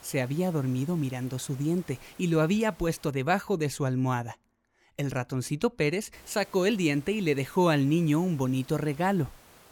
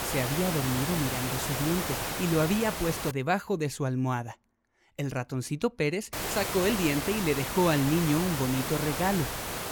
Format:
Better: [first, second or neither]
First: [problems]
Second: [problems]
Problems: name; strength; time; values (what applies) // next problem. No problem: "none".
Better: first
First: hiss; faint; until 3 s and from 6 s on; 25 dB below the speech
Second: hiss; loud; until 3 s and from 6 s on; 3 dB below the speech